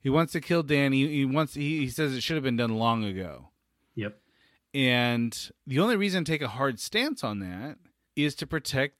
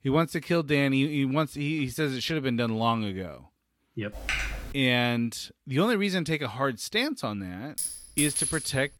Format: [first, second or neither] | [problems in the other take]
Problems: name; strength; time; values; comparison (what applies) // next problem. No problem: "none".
first | keyboard typing; noticeable; at 4 s; peak 2 dB below the speech // clattering dishes; loud; at 8 s; peak 1 dB above the speech